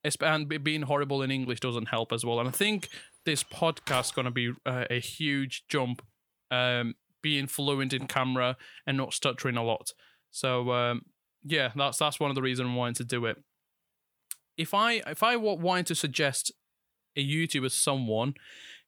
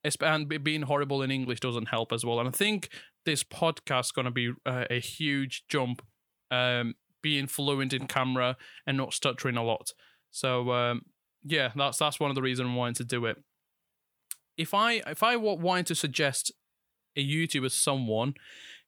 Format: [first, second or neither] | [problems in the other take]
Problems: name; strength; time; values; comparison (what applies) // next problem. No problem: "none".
second | door banging; noticeable; from 2.5 to 4 s; peak 10 dB below the speech